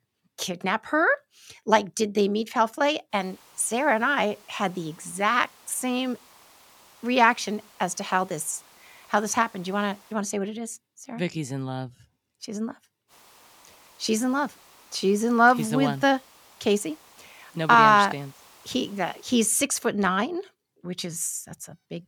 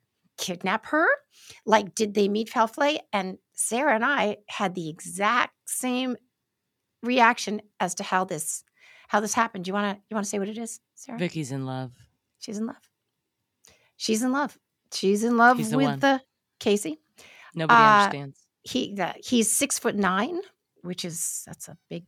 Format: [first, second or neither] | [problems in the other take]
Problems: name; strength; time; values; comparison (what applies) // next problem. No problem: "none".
second | hiss; faint; from 3 to 10 s and from 13 to 19 s; 25 dB below the speech